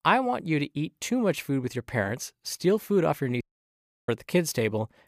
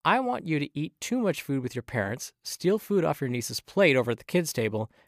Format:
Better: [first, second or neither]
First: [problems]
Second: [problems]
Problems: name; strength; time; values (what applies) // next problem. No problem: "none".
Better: second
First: audio cutting out; at 3.5 s for 0.5 s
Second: none